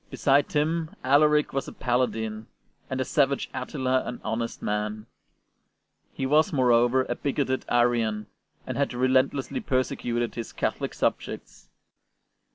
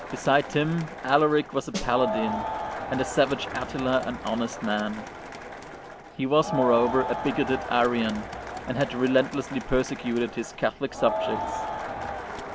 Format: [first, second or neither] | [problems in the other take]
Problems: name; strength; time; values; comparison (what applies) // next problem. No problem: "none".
first | background sound (Crowd + Snare drum); 7 dB below the speech